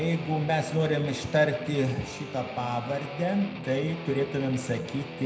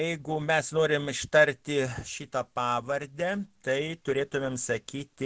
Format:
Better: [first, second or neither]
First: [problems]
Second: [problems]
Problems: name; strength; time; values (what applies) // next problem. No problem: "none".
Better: second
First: background sound (Guitar); 11 dB below the speech // room echo; dies away in 0.8 s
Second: none